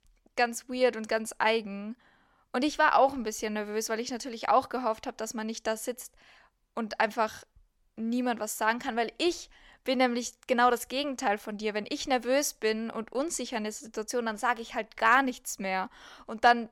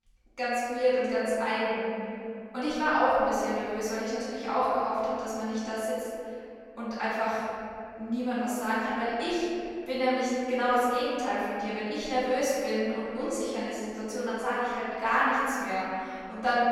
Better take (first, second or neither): first